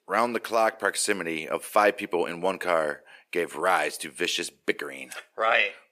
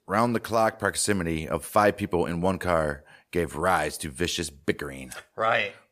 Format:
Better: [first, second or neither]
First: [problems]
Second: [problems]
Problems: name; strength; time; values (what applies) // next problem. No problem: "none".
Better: second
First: thin; somewhat; fading below 350 Hz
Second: none